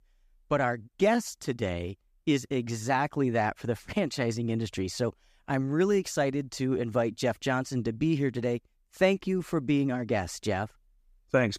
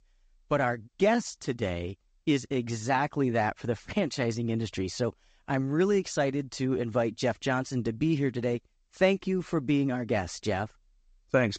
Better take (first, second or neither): first